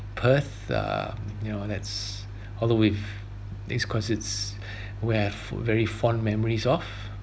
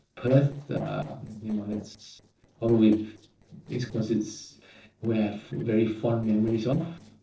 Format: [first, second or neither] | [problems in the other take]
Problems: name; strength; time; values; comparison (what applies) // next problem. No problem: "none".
first | noise reduction (neural separator model SepFormer DNS4)